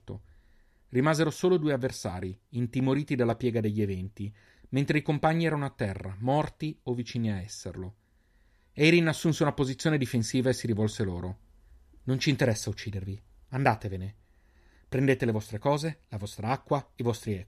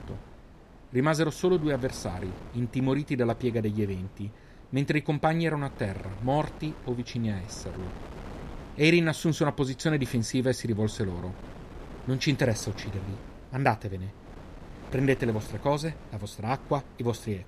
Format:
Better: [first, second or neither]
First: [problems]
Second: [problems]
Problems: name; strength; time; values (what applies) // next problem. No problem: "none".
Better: first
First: none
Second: wind noise on the microphone; occasional gusts; 20 dB below the speech